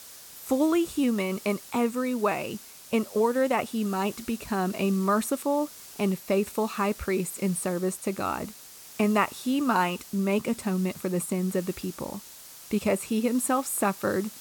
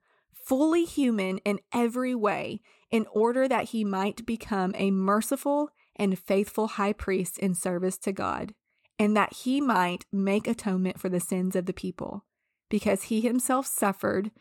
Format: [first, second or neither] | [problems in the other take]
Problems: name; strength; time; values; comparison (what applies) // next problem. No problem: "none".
second | hiss; noticeable; throughout; 15 dB below the speech